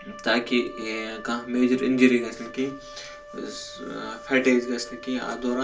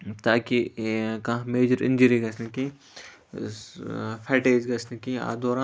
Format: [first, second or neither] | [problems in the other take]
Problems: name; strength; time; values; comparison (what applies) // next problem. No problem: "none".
second | background sound (Wind instrument, woodwind instrument); 17 dB below the speech // room echo; dies away in 0.3 s